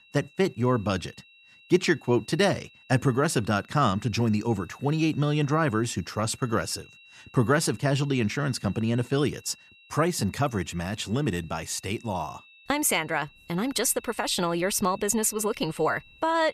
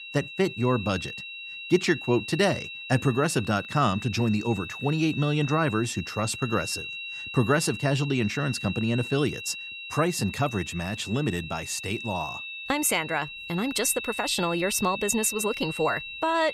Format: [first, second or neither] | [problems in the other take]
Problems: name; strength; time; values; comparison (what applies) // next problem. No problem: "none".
first | high-pitched whine; loud; throughout; 2.5 kHz, 9 dB below the speech; faint in the first